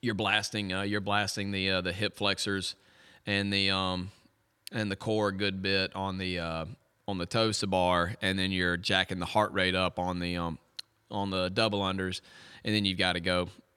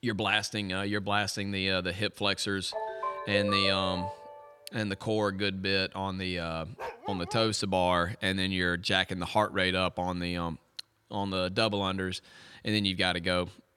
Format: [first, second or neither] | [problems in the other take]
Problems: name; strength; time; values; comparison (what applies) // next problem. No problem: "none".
first | phone ringing; noticeable; from 2.5 to 4 s; peak 1 dB below the speech // dog barking; noticeable; at 7 s; peak 10 dB below the speech